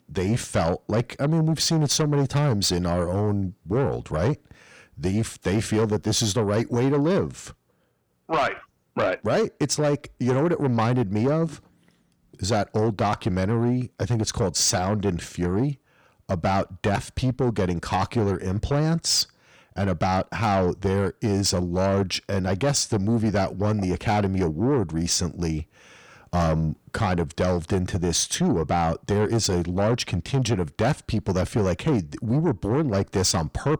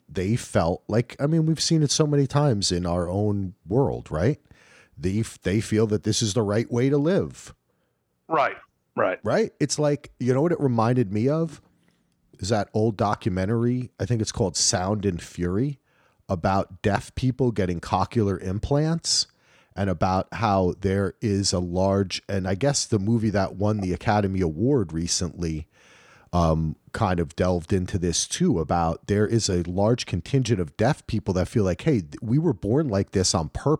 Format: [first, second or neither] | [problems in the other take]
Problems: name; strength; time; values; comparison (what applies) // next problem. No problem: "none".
second | distortion; slight; 10 dB below the speech